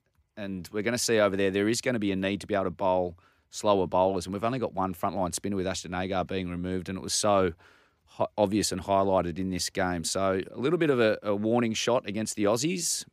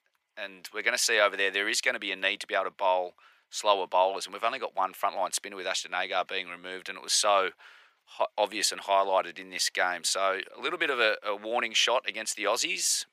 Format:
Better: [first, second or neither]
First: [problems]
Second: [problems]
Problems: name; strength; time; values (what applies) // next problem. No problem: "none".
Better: first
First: none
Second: thin; very; fading below 800 Hz